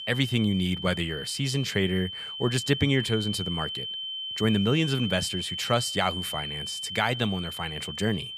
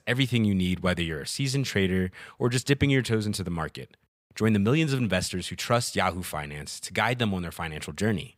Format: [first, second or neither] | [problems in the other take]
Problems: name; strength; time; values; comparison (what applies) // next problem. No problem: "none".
second | high-pitched whine; loud; throughout; 3 kHz, 5 dB below the speech